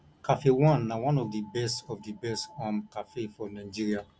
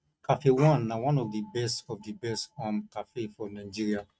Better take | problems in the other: first | noise reduction (neural mask model RNNoise)

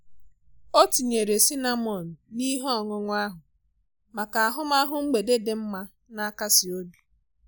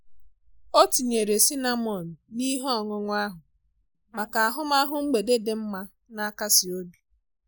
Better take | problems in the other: first | noise reduction (neural mask model Resemble Enhance denoiser)

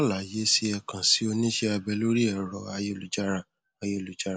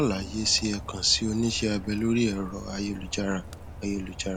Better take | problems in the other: first | background sound (Rain); 13 dB below the speech

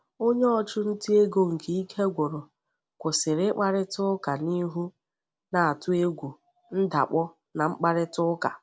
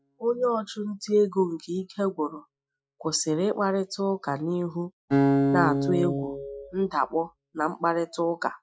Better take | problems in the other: first | noise reduction (classical method Wiener filter)

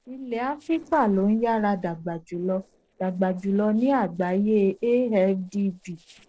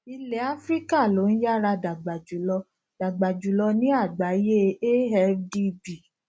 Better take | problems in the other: second | noise reduction (neural separator model SepFormer DNS4)

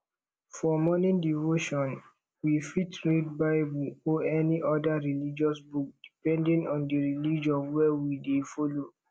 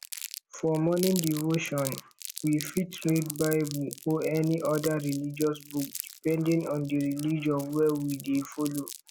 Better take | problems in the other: first | background sound (Crumpling, crinkling); 14 dB below the speech

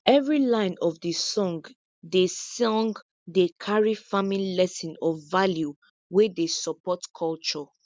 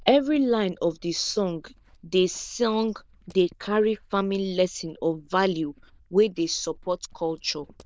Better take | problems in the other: first | noise reduction (neural diffusion model UNIVERSE++)

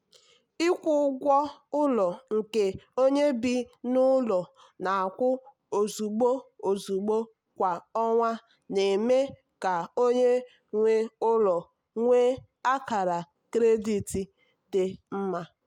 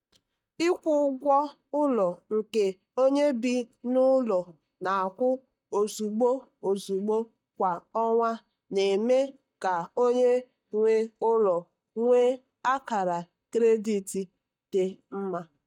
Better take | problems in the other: first | noise reduction (neural mask model DeepFilterNet 3)

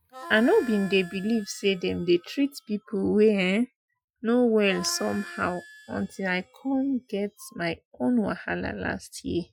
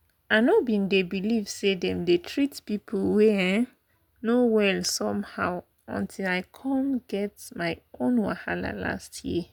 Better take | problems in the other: second | noise reduction (classical method Wiener filter)

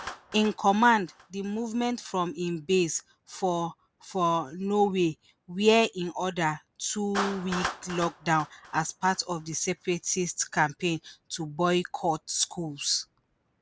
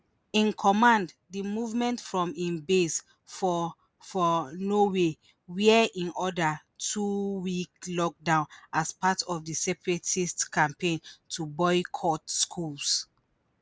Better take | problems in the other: second | background sound (Clapping); 16 dB below the speech

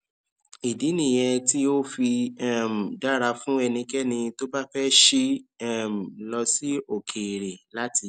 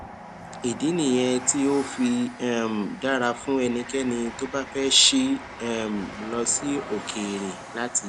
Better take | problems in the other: first | background sound (Train); 13 dB below the speech

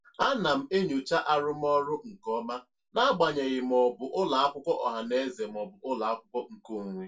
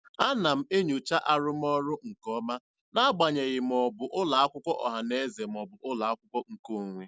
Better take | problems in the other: second | room echo; dies away in 0.2 s

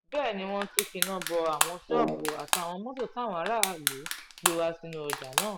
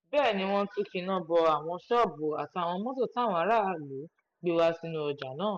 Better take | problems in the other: second | background sound (Brass instrument + Crushing); as loud as the speech

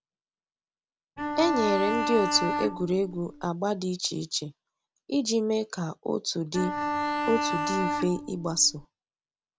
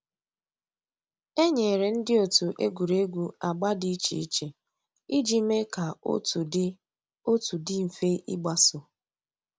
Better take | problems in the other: second | background sound (Bowed string instrument); 1 dB below the speech

